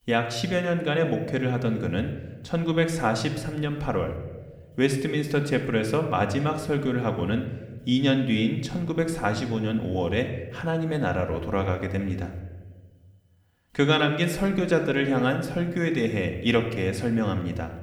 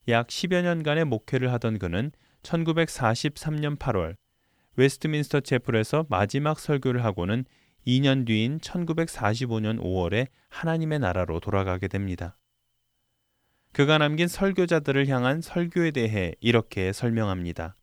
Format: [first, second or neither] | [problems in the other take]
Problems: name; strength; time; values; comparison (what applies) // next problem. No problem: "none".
second | room echo; slight; dies away in 0.9 s